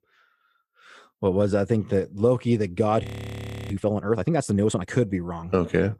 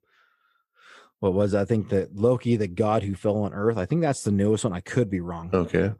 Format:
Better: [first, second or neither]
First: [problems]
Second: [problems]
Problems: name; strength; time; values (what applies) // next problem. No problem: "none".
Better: second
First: audio freezing; at 3 s for 0.5 s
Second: none